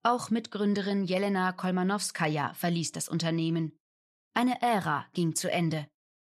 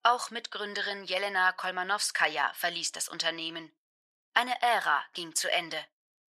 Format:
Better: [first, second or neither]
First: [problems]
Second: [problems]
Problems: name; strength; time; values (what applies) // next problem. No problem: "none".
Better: first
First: none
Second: thin; very; fading below 750 Hz